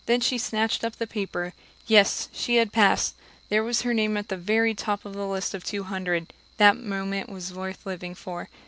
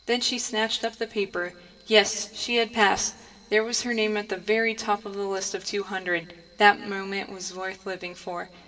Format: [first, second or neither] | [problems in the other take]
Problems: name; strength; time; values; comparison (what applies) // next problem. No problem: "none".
first | room echo; dies away in 1.4 s